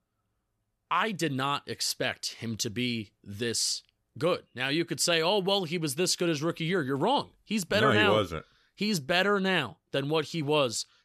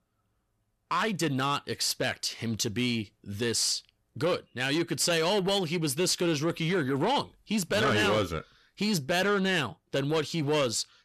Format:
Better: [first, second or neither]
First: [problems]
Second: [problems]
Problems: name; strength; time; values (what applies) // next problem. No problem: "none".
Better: first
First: none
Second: distortion; slight; 10 dB below the speech